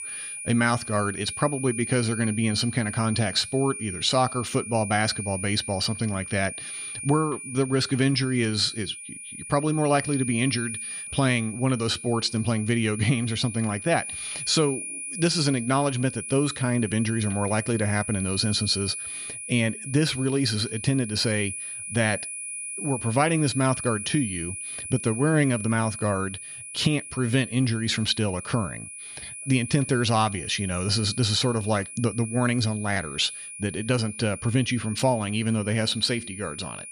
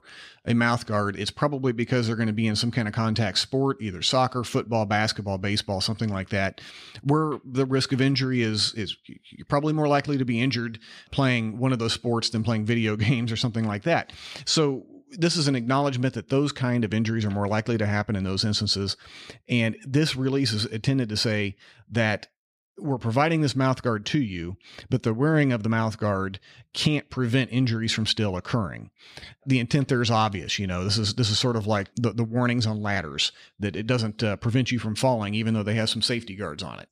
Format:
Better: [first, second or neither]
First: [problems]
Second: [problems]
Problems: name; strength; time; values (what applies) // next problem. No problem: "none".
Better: second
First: high-pitched whine; loud; throughout; 10 kHz, 9 dB below the speech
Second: none